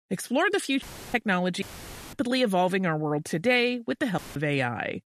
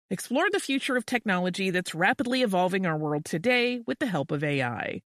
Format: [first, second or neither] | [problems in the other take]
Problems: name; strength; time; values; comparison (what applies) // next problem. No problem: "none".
second | audio cutting out; filled with static; at 1 s, at 1.5 s for 0.5 s and at 4 s